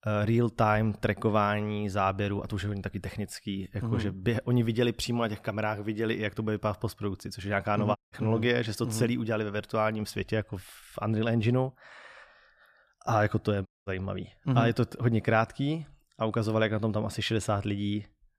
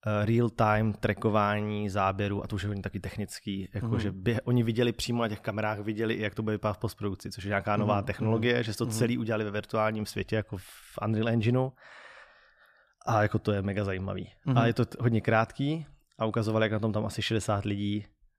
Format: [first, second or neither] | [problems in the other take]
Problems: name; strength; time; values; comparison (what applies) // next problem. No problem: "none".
second | audio cutting out; at 8 s and at 14 s